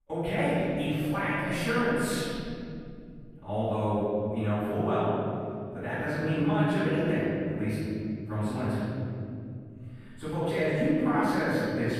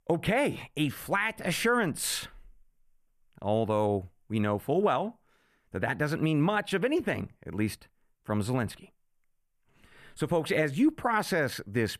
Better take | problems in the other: second | room echo; strong; dies away in 3 s // off-mic speech; far

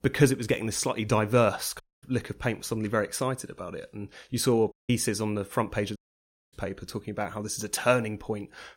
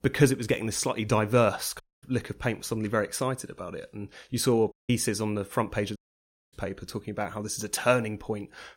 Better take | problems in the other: neither | audio cutting out; at 2 s, at 4.5 s and at 6 s for 0.5 s; the same in both

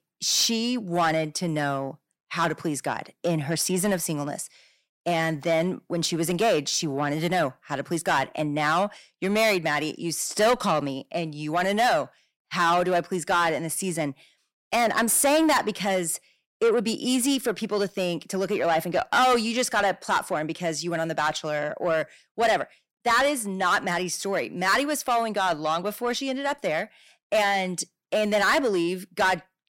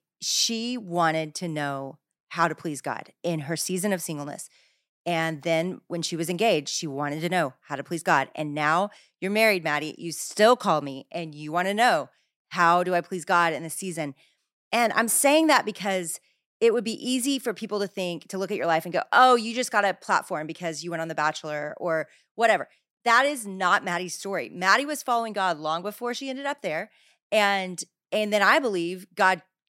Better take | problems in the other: second | distortion; heavy; 8 dB below the speech

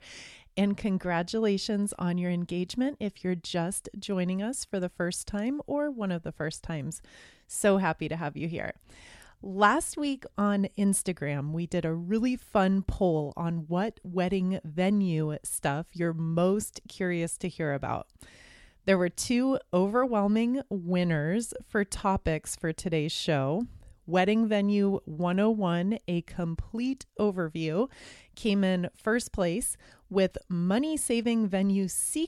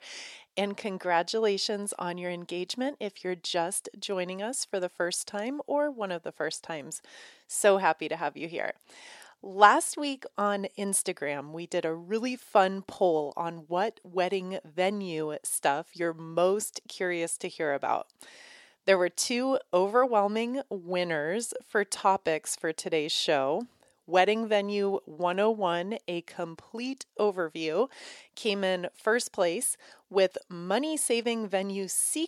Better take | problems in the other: first | thin; somewhat; fading below 450 Hz

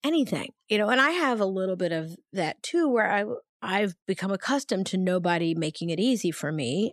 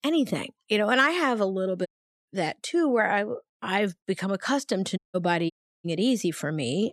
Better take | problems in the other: first | audio cutting out; at 2 s, at 5 s and at 5.5 s

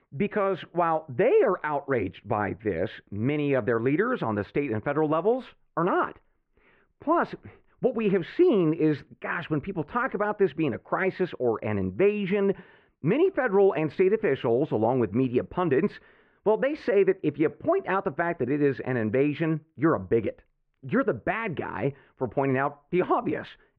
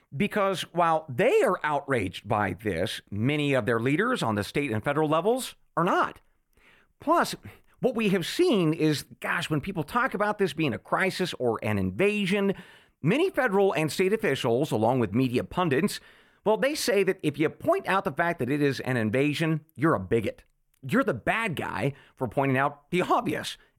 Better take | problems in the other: second | muffled; very; fading above 2.5 kHz

